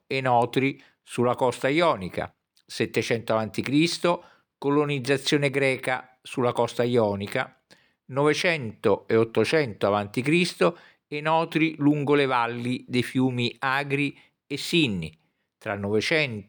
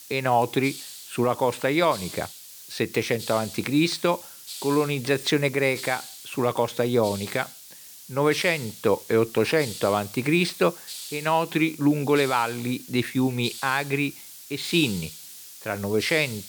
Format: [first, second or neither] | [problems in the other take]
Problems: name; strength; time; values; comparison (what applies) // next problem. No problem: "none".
first | hiss; noticeable; throughout; 15 dB below the speech